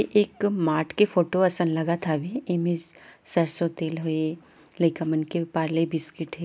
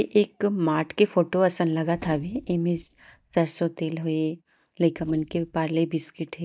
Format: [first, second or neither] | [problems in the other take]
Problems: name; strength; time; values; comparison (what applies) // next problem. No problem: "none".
first | noise reduction (neural mask model DeepFilterNet 3)